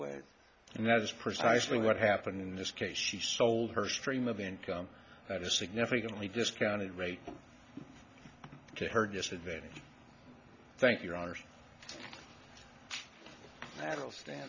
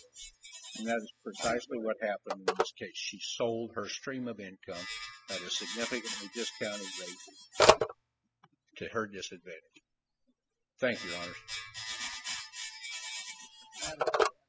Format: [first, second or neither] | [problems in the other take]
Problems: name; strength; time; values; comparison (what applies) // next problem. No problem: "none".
first | noise reduction (classical method spectral subtraction)